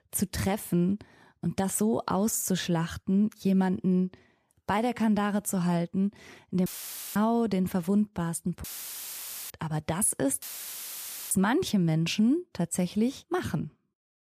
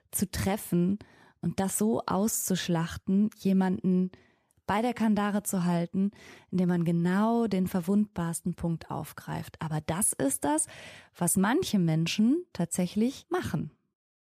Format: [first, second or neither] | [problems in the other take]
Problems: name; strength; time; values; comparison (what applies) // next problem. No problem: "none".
second | audio cutting out; filled with static; at 6.5 s, at 8.5 s for 1 s and at 10 s for 1 s